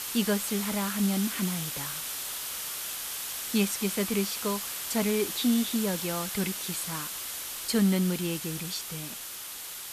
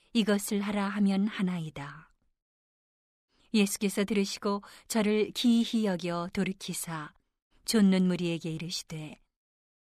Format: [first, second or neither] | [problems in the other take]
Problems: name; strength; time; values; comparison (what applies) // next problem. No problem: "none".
second | hiss; loud; throughout; 3 dB below the speech